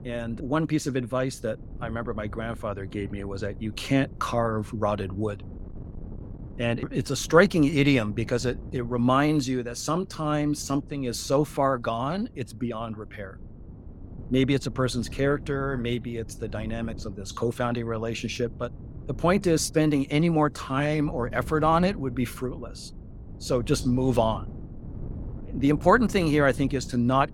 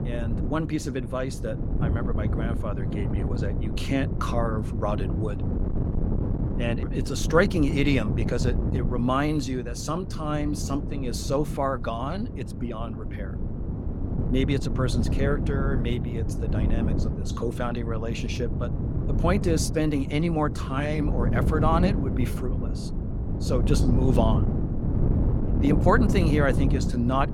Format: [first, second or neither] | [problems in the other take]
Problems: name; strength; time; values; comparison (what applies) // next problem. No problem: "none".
first | wind noise on the microphone; heavy; 7 dB below the speech; occasional gusts in the first